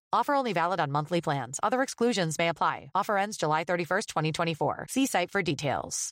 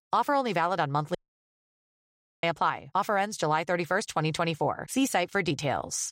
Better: first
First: none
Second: audio cutting out; at 1 s for 1.5 s

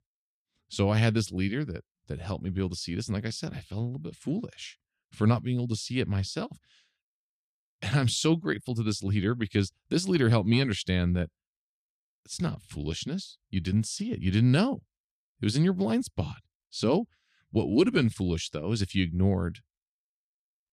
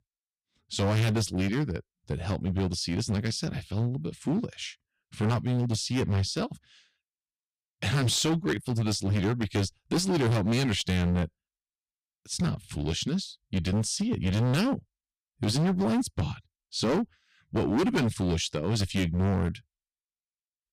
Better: first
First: none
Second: distortion; heavy; 13% of the sound clipped

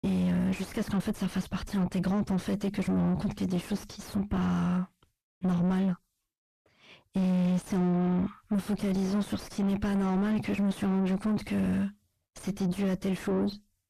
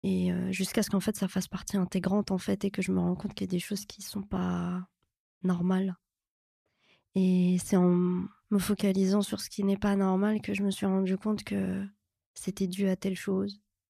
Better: second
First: distortion; heavy; 5 dB below the speech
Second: none

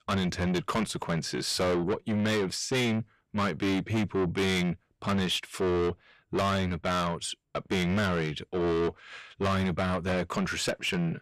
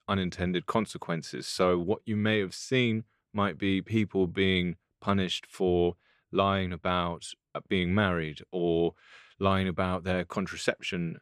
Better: second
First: distortion; heavy; 5 dB below the speech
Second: none

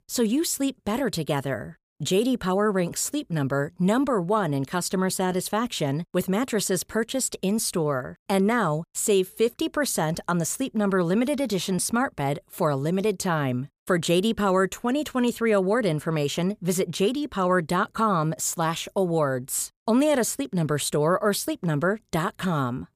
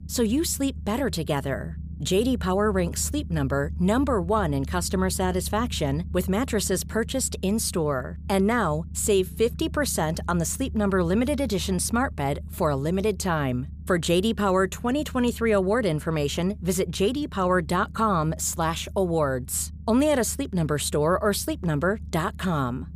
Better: first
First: none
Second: low rumble; faint; throughout; 25 dB below the speech

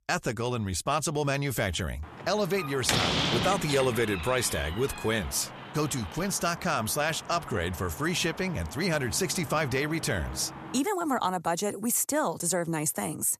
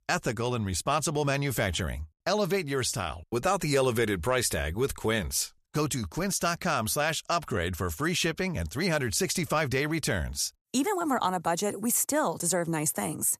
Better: second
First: door banging; loud; from 2 to 11 s; peak 4 dB above the speech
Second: none

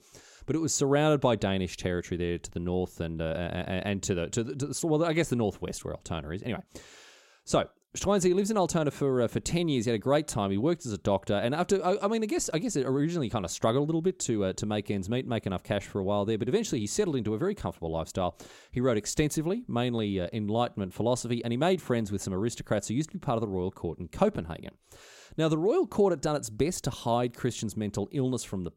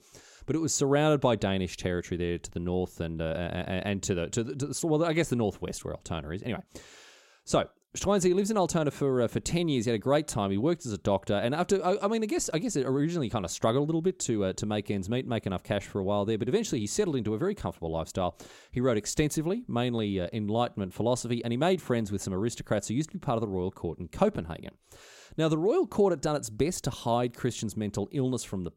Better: neither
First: none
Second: none

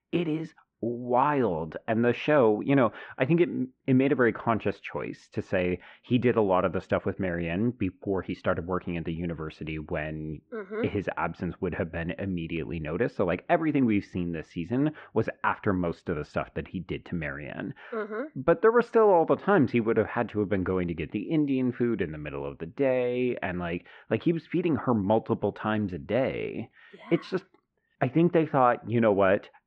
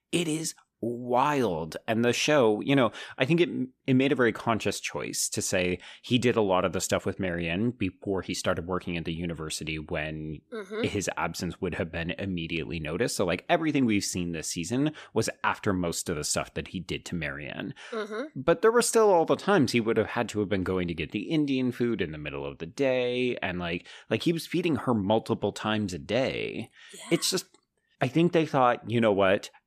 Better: second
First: muffled; very; fading above 2 kHz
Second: none

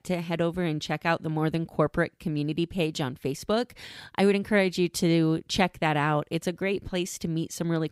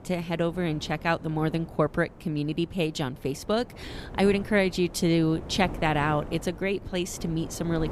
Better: first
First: none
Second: wind noise on the microphone; occasional gusts; 20 dB below the speech

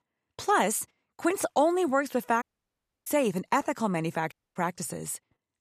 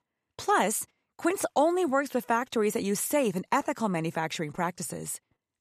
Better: second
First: audio cutting out; at 2.5 s for 0.5 s and at 4.5 s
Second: none

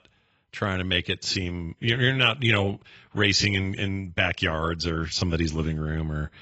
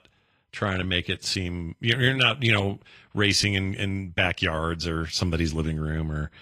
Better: second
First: garbled, watery; badly; nothing above 7.5 kHz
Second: garbled, watery; slightly; nothing above 14.5 kHz

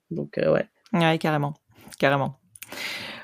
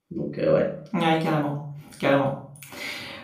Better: first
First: none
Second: off-mic speech; far // room echo; noticeable; dies away in 0.4 s

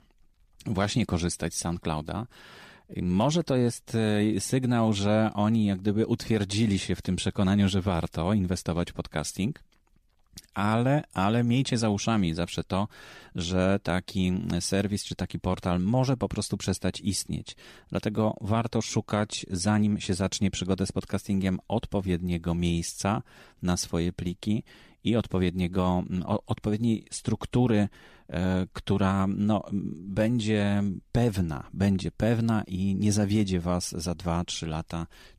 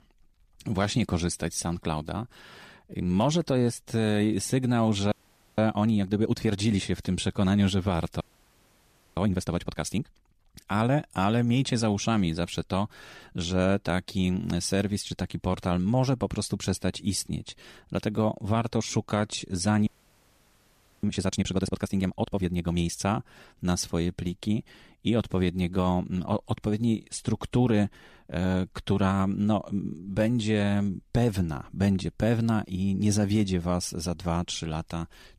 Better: first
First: none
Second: audio freezing; at 5 s, at 8 s for 1 s and at 20 s for 1 s

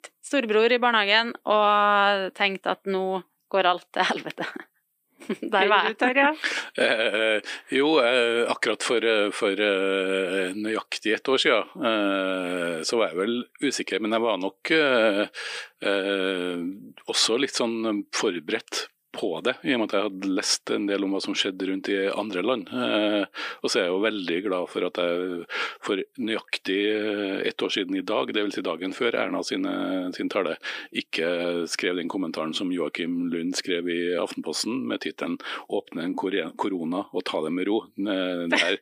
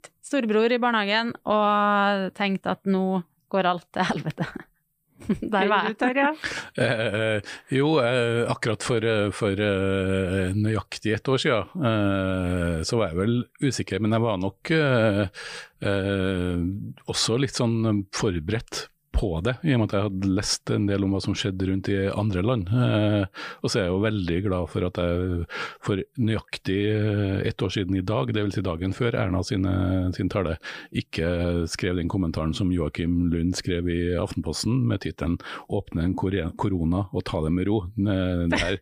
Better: second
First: thin; somewhat; fading below 250 Hz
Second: none

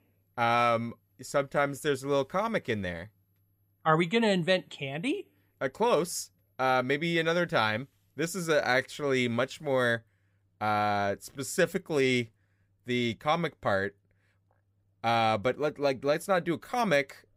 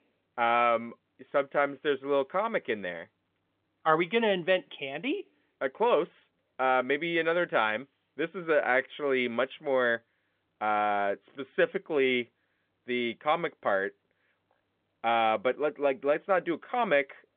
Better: first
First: none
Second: phone-call audio; nothing above 3.5 kHz

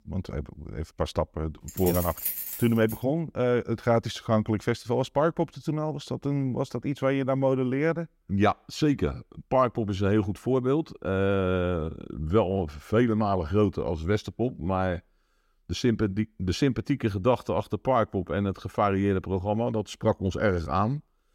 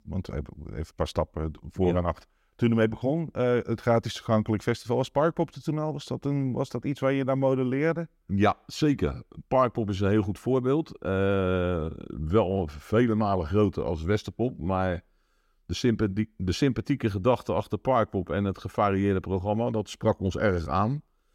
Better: second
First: jangling keys; noticeable; from 1.5 to 3 s; peak 2 dB below the speech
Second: none

